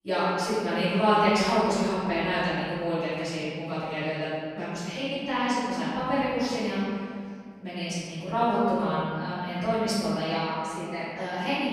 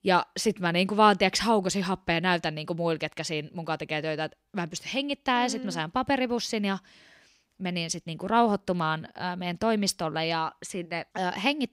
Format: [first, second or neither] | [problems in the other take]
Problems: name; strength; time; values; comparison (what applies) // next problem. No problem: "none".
second | off-mic speech; far // room echo; strong; dies away in 2.2 s